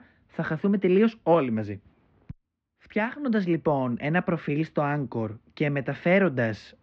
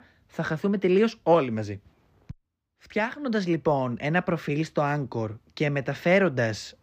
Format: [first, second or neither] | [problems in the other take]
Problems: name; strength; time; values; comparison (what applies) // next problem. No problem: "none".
second | muffled; slightly; fading above 2.5 kHz